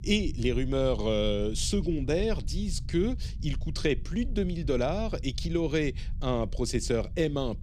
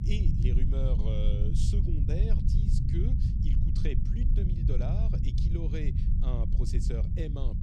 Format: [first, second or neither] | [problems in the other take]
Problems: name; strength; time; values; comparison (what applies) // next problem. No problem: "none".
first | low rumble; loud; throughout; as loud as the speech; faint in the first